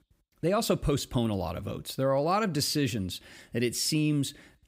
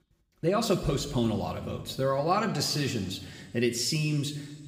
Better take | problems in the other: first | room echo; slight; dies away in 1.4 s

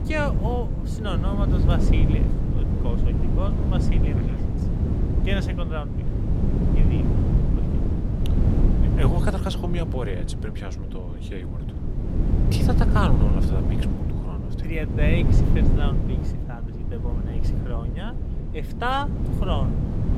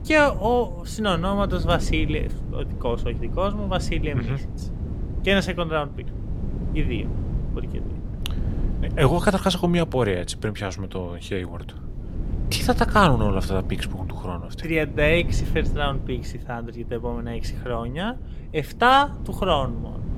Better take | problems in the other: second | wind noise on the microphone; heavy; 2 dB below the speech; occasional gusts in the second

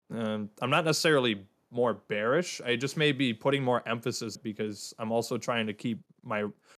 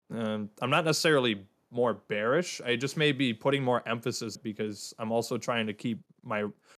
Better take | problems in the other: neither | none

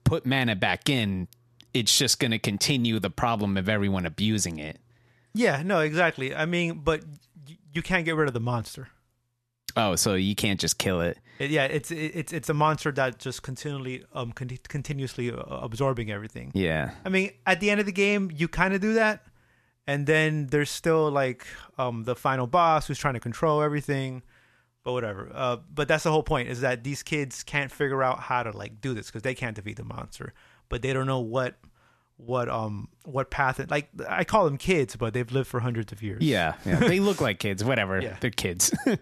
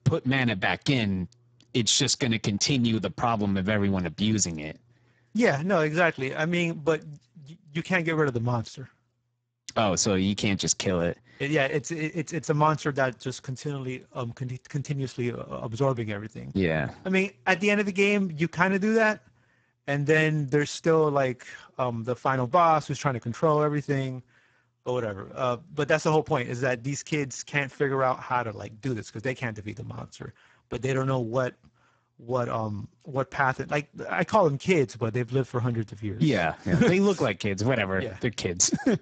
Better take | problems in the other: first | garbled, watery; badly; nothing above 7.5 kHz

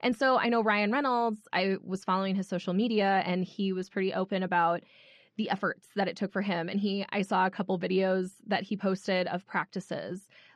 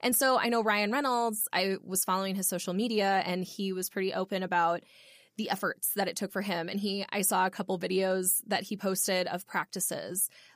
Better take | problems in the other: second | muffled; slightly; fading above 3.5 kHz

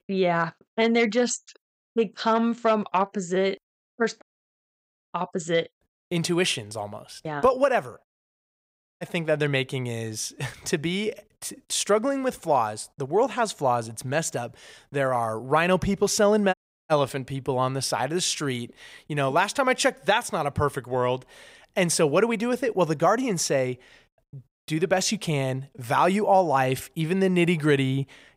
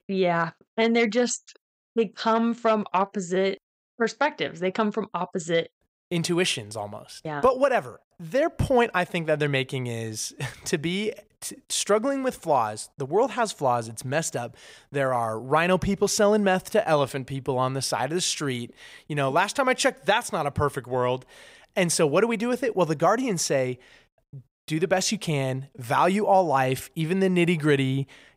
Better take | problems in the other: second | audio cutting out; at 4 s for 1 s, at 8 s for 1 s and at 17 s

